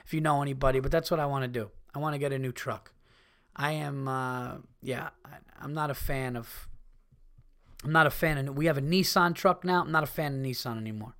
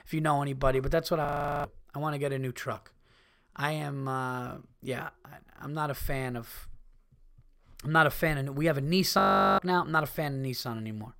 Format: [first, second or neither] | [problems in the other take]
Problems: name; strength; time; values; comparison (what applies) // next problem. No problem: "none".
first | audio freezing; at 1.5 s and at 9 s